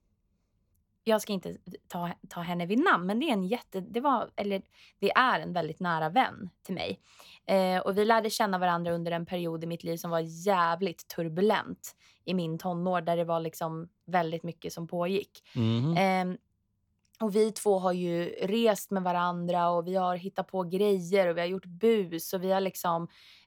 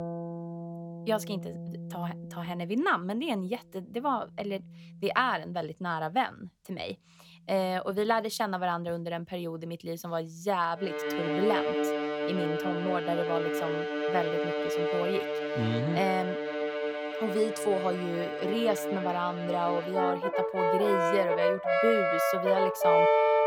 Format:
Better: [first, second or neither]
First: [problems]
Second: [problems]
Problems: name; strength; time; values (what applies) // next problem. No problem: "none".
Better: first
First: none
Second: background music; very loud; throughout; 2 dB above the speech